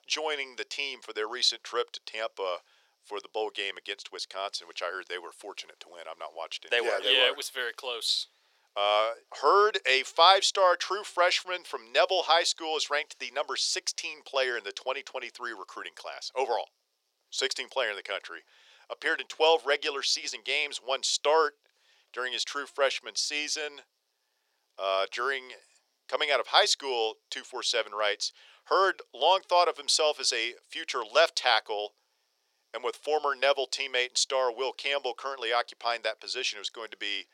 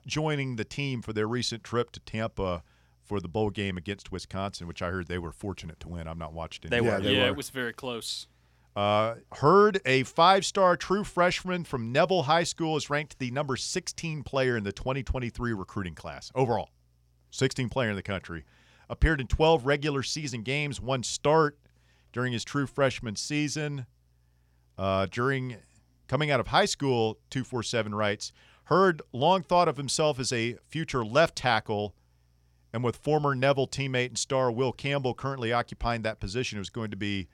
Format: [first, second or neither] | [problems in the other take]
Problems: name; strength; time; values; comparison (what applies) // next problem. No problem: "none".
second | thin; very; fading below 450 Hz